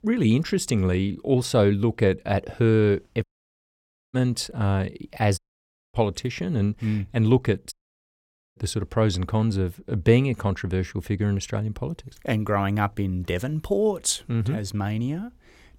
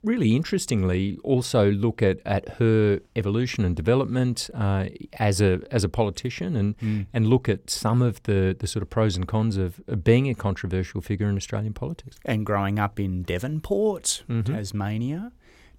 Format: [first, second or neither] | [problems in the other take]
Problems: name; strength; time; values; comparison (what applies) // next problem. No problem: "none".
second | audio cutting out; at 3 s for 1 s, at 5.5 s for 0.5 s and at 7.5 s for 1 s